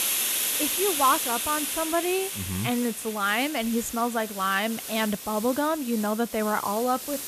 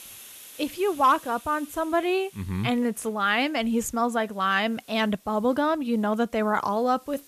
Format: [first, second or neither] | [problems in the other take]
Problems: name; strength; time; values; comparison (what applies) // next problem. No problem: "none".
second | hiss; loud; throughout; 3 dB below the speech; faint in the second